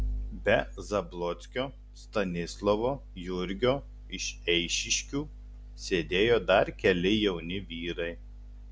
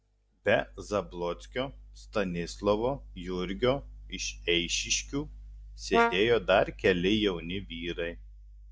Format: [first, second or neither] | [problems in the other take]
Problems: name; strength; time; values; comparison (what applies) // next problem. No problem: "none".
first | noise reduction (neural mask model DeepFilterNet 3)